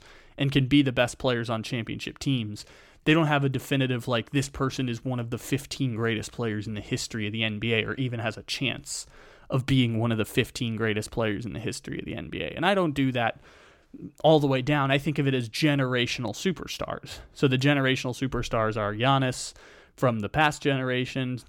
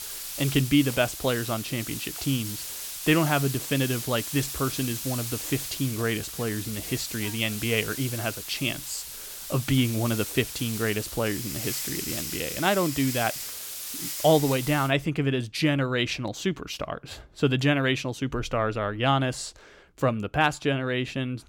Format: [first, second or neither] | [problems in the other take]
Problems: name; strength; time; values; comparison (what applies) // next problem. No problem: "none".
first | hiss; loud; until 15 s; 6 dB below the speech